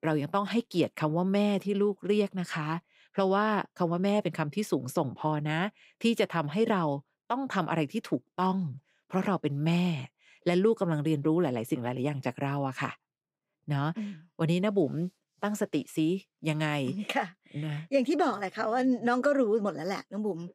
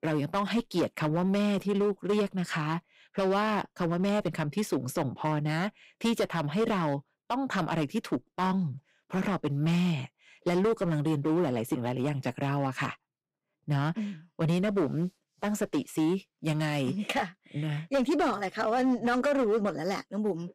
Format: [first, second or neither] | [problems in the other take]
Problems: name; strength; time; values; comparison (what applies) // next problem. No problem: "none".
first | distortion; slight; 8% of the sound clipped